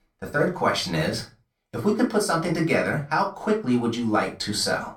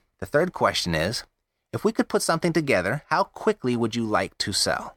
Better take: second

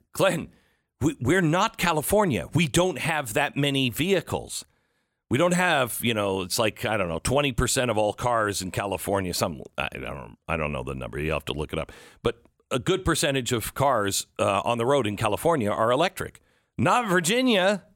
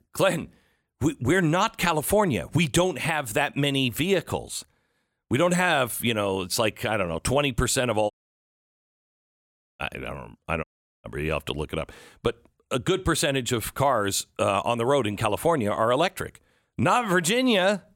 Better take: first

